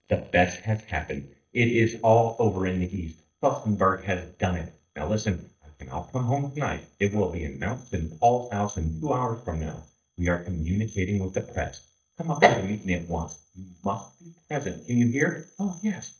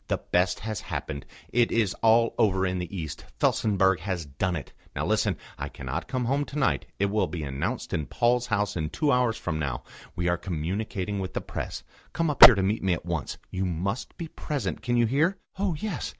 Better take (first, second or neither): second